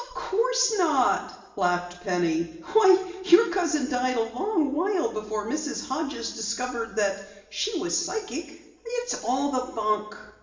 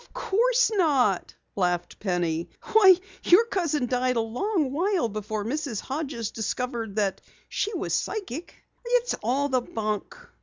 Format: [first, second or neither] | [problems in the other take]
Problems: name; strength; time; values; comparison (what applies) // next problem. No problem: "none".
second | room echo; dies away in 1 s